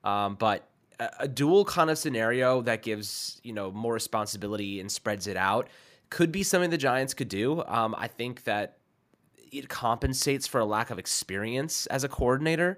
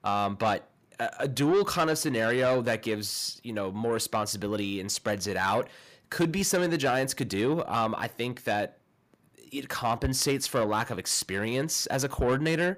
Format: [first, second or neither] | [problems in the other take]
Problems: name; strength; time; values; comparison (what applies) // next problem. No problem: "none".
first | distortion; slight; 10 dB below the speech